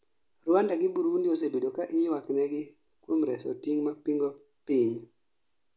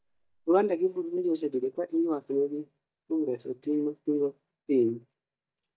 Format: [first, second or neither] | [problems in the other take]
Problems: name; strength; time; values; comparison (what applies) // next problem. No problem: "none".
first | noise reduction (neural mask model DeepFilterNet 3)